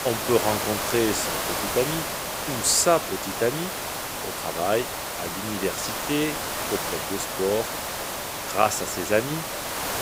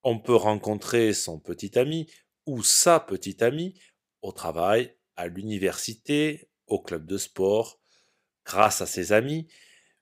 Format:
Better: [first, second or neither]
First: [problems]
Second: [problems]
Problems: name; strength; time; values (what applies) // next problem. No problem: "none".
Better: second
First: hiss; loud; throughout; 2 dB below the speech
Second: none